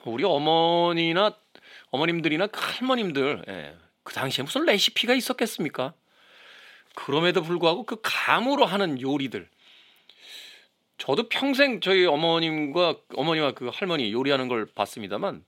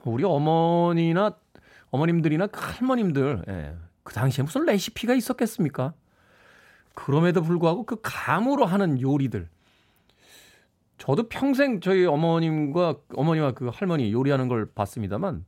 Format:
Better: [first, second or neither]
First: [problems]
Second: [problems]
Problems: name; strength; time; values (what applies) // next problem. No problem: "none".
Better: second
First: thin; very slightly; fading below 300 Hz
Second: none